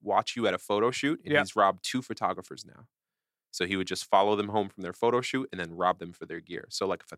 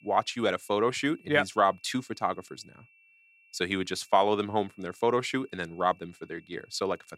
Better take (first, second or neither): first